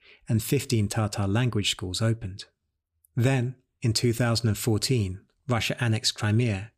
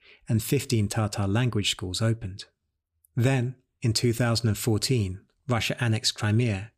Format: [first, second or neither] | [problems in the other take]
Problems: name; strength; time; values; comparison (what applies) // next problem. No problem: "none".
neither | none